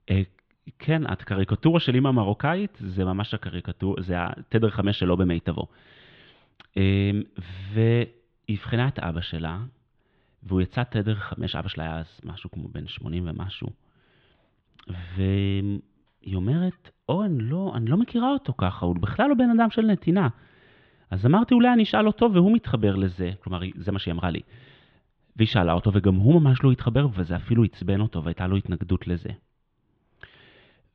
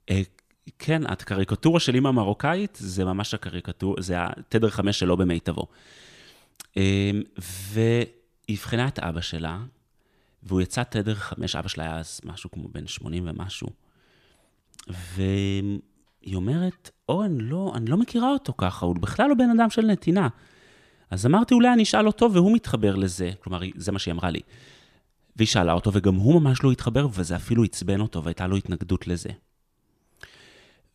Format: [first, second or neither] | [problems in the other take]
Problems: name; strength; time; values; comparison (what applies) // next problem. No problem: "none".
second | muffled; very; fading above 3.5 kHz